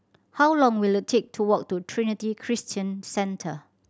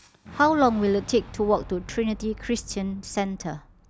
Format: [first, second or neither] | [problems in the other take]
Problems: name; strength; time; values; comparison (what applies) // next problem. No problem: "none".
first | background sound (Boom); 17 dB below the speech